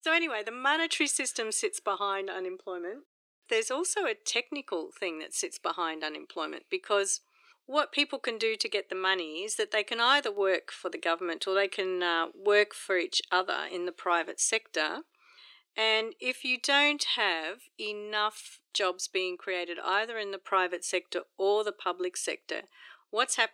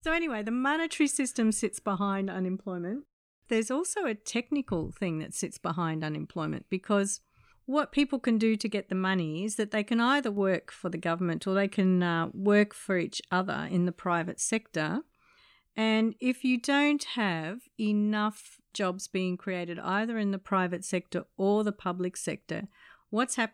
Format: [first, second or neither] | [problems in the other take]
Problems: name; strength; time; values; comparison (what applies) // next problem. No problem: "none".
second | thin; very; fading below 350 Hz